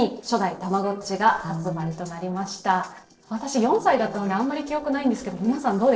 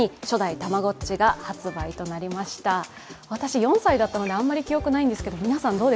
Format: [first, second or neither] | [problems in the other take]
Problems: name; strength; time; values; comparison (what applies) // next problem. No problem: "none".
second | noise reduction (neural separator model SepFormer DNS4)